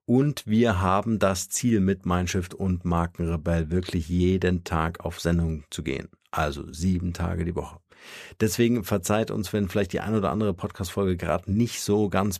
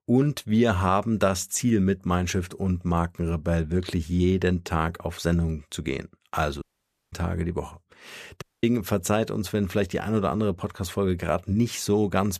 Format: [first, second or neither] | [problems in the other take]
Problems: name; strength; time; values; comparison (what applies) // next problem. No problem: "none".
first | audio cutting out; at 6.5 s for 0.5 s and at 8.5 s